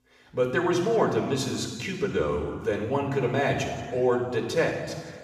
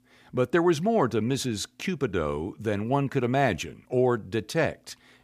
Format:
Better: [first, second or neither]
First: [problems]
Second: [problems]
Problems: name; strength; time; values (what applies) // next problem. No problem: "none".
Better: second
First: room echo; noticeable; dies away in 1.5 s // off-mic speech; somewhat distant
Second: none